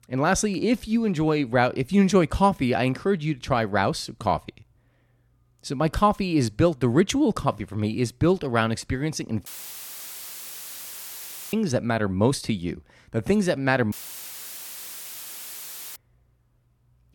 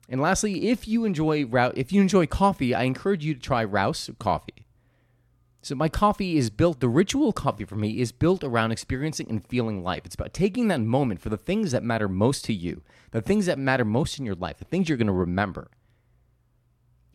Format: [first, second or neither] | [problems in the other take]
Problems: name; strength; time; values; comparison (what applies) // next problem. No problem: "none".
second | audio cutting out; filled with static; at 9.5 s for 2 s and at 14 s for 2 s